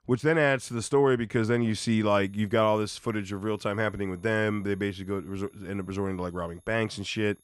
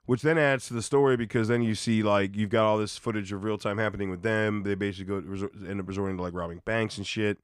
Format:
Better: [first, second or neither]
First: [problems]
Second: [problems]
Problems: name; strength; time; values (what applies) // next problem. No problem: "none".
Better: second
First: high-pitched whine; faint; from 2 s on; 11 kHz, 35 dB below the speech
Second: none